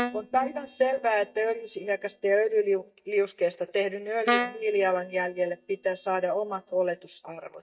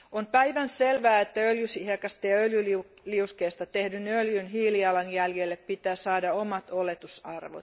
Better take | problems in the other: second | noise reduction (neural mask model DeepFilterNet 3)

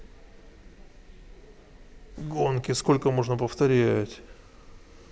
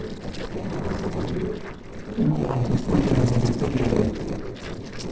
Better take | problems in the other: first | noise reduction (neural separator model SepFormer DNS4)

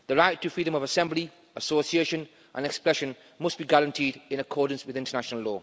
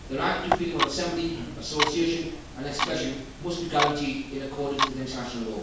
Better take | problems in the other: first | background sound (Clock); 2 dB below the speech // room echo; dies away in 0.6 s

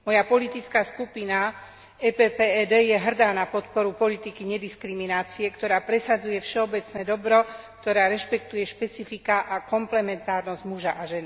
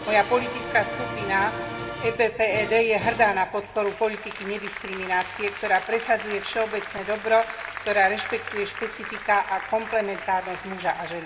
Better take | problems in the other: first | background sound (Applause); 10 dB below the speech // room echo; dies away in 0.3 s

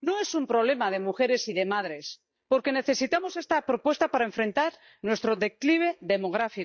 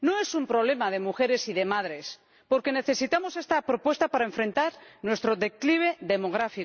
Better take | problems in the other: second | noise reduction (neural mask model DeepFilterNet 3)

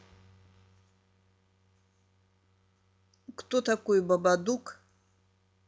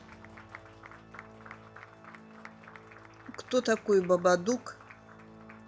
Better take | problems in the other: first | background sound (Organ + Applause); 17 dB below the speech

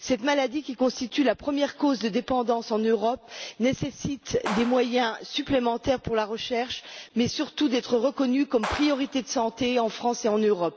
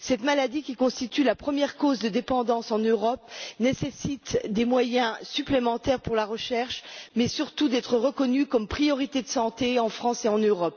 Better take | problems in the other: second | background sound (Clapping); 12 dB below the speech

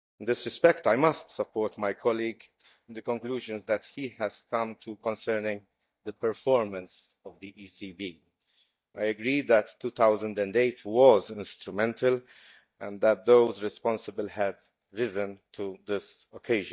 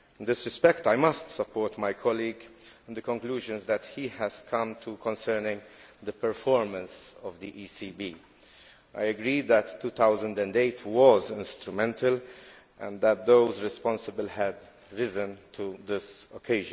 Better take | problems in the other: second | noise reduction (neural mask model DeepFilterNet 3)

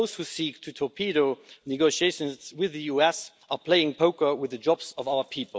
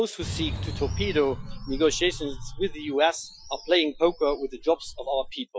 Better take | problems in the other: first | noise reduction (classical method Wiener filter)

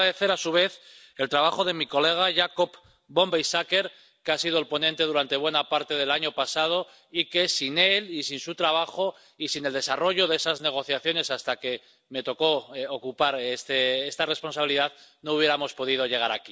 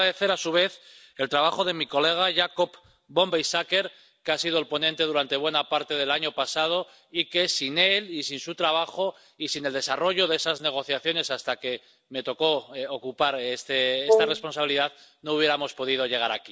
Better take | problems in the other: first | background sound (Wind instrument, woodwind instrument); 4 dB above the speech

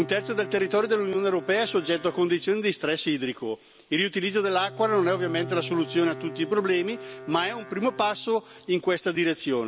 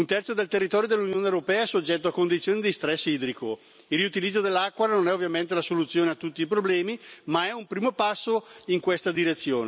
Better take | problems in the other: second | background sound (Bowed string instrument); 15 dB below the speech

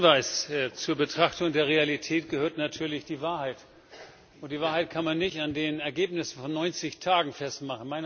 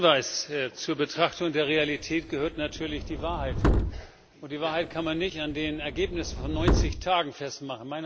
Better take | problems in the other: first | background sound (Subway, metro, underground); 1 dB below the speech

